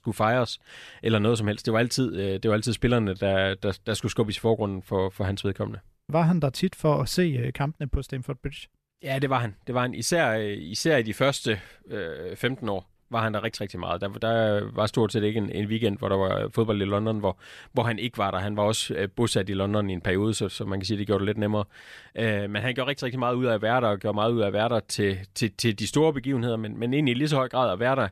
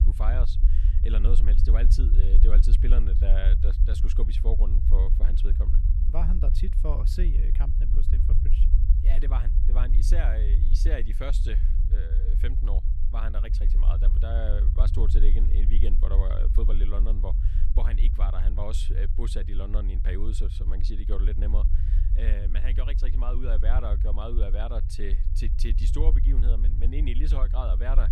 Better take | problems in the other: first | low rumble; loud; throughout; 7 dB below the speech

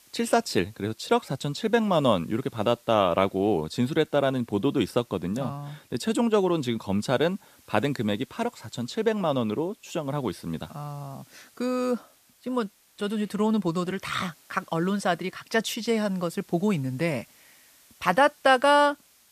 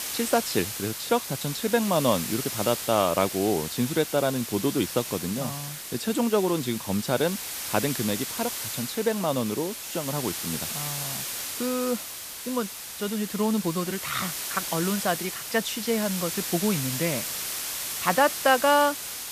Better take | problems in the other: first | hiss; loud; throughout; 4 dB below the speech; faint in the first

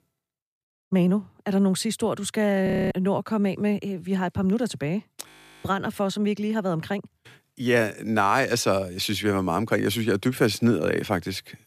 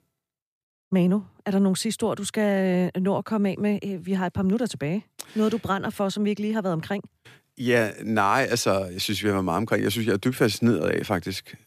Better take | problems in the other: second | audio freezing; at 2.5 s and at 5.5 s

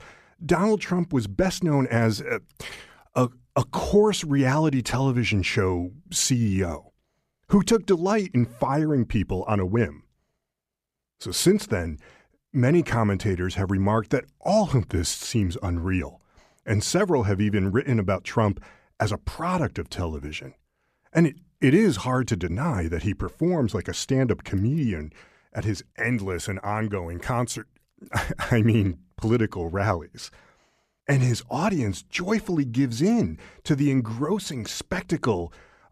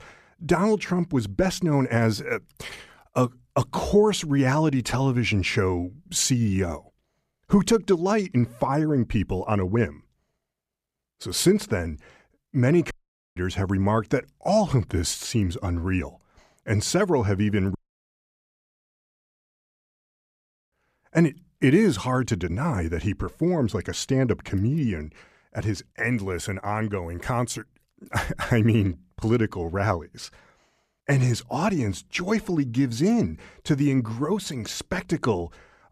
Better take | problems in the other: first | audio cutting out; at 13 s and at 18 s for 3 s

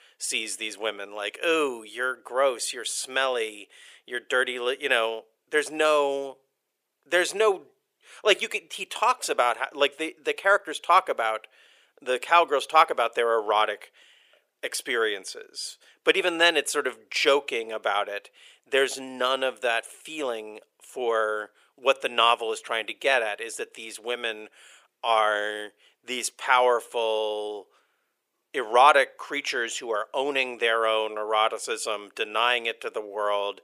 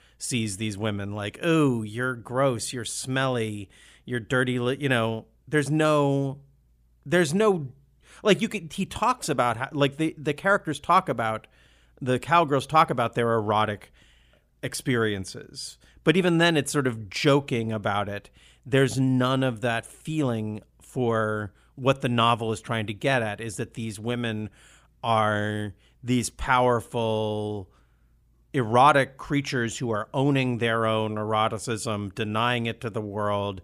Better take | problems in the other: second | thin; very; fading below 450 Hz

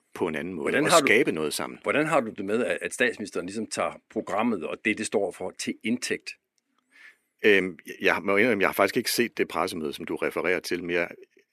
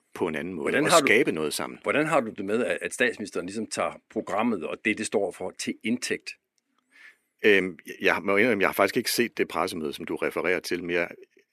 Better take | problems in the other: neither | thin; somewhat; fading below 350 Hz; the same in both

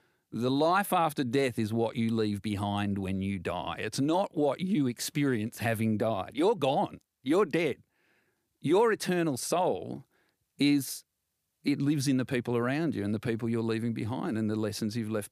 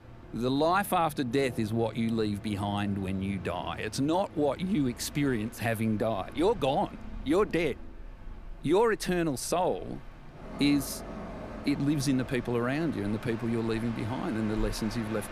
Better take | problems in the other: first | train or aircraft noise; noticeable; throughout; 15 dB below the speech

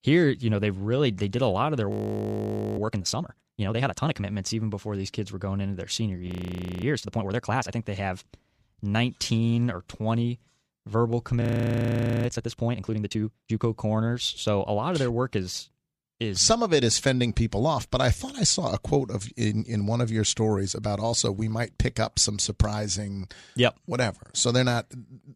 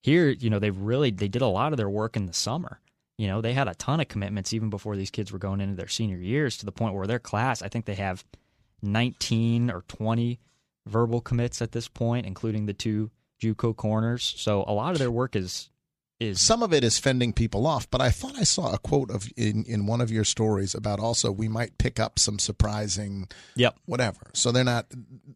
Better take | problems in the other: second | audio freezing; at 2 s for 1 s, at 6.5 s for 0.5 s and at 11 s for 1 s

